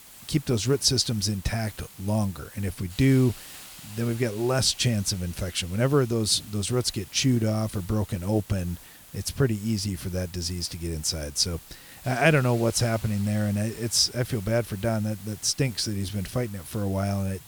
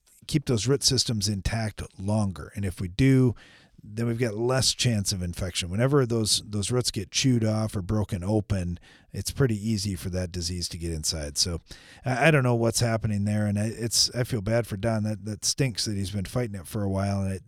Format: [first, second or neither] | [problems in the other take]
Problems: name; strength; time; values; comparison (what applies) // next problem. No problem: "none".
second | hiss; noticeable; throughout; 20 dB below the speech